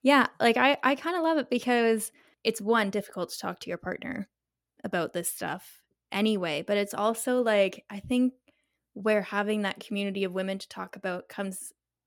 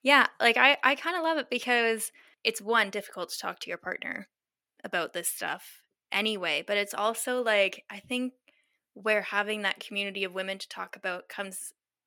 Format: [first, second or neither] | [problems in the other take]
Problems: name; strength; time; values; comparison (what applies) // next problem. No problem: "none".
first | thin; somewhat; fading below 650 Hz